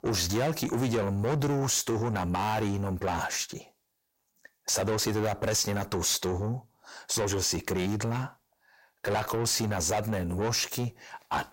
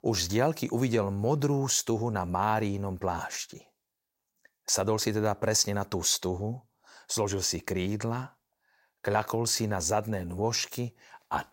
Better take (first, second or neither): second